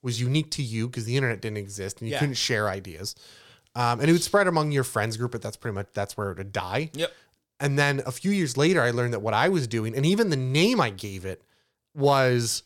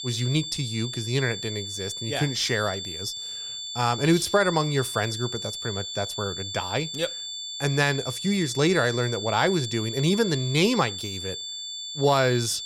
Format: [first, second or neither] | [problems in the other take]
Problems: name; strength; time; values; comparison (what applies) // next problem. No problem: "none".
first | high-pitched whine; loud; throughout; 3.5 kHz, 6 dB below the speech